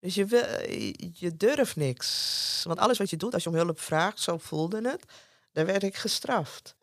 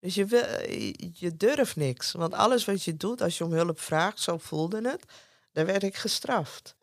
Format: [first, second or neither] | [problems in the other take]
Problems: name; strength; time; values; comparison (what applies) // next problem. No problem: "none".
second | audio freezing; at 2 s for 0.5 s